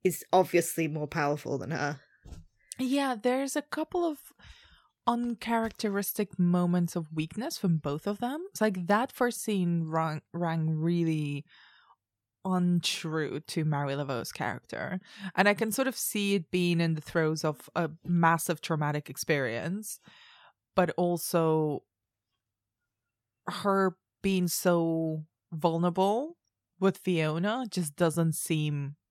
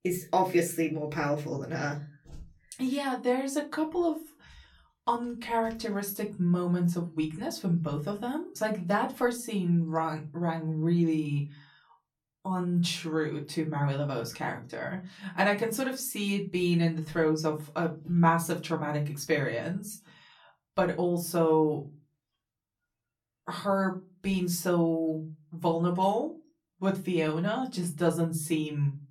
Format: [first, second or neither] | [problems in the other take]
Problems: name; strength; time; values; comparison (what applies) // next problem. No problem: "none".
first | off-mic speech; far // room echo; very slight; dies away in 0.3 s